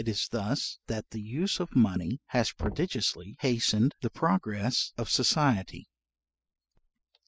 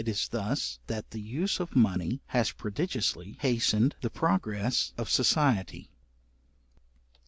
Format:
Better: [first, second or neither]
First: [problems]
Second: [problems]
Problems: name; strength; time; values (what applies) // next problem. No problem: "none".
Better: second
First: noise reduction (classical method spectral subtraction)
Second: none